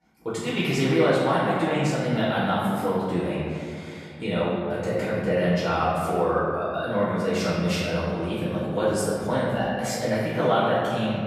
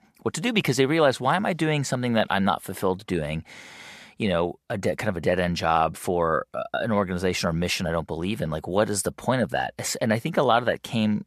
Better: second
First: room echo; strong; dies away in 2.2 s // off-mic speech; far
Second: none

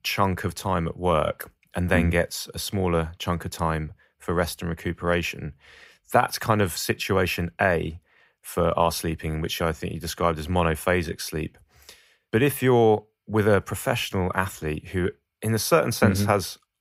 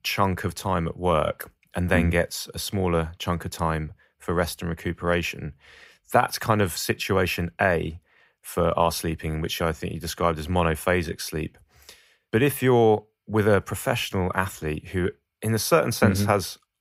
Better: neither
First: none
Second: none

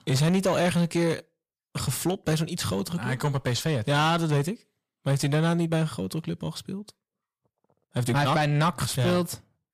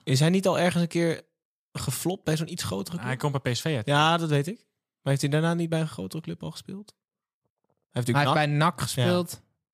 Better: second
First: distortion; slight; 10 dB below the speech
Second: none

